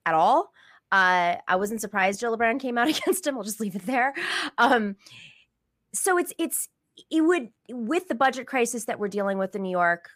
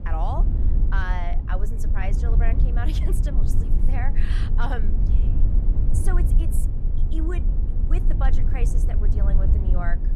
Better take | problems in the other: first | low rumble; loud; throughout; 5 dB below the speech

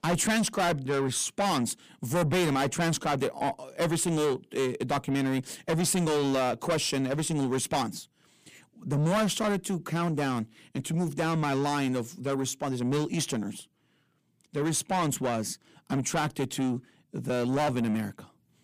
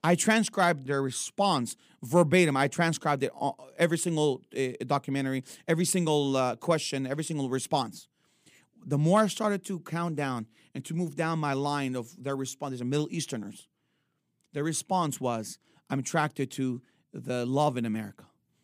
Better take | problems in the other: second | distortion; heavy; 6 dB below the speech

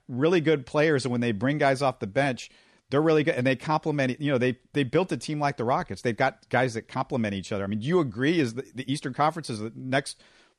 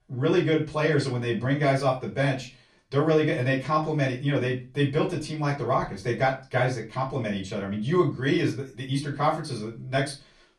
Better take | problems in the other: first | off-mic speech; far // room echo; very slight; dies away in 0.3 s

